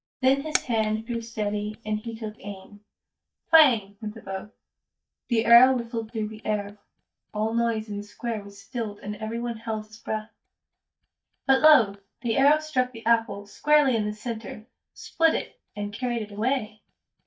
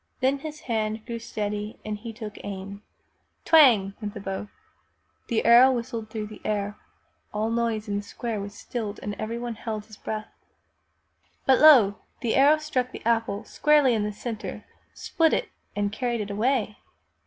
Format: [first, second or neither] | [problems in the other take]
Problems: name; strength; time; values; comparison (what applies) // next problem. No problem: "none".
second | noise reduction (neural mask model DeepFilterNet 3)